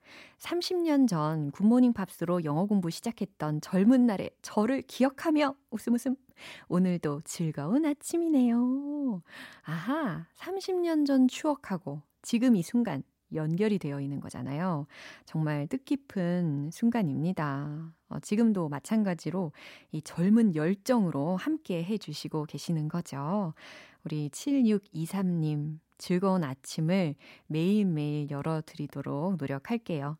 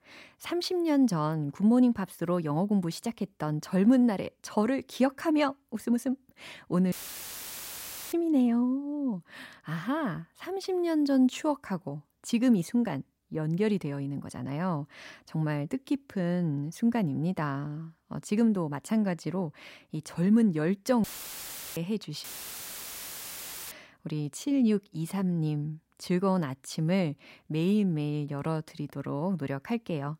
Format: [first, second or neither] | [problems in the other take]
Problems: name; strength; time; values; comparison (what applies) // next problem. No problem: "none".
first | audio cutting out; filled with static; at 7 s for 1 s, at 21 s for 0.5 s and at 22 s for 1.5 s